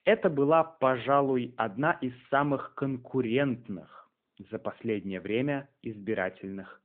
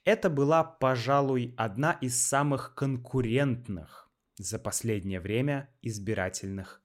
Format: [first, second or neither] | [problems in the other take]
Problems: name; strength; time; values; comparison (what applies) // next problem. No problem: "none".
second | phone-call audio